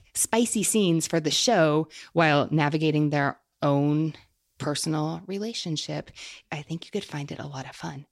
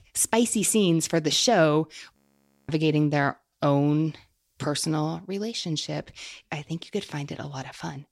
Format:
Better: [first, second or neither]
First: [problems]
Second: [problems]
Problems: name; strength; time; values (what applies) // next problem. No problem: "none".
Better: first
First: none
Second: audio freezing; at 2 s for 0.5 s